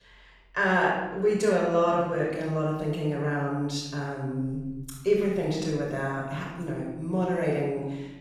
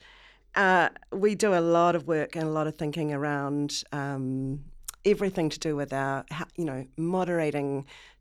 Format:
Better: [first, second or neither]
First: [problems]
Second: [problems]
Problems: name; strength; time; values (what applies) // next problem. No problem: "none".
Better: second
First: off-mic speech; far // room echo; noticeable; dies away in 1 s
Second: none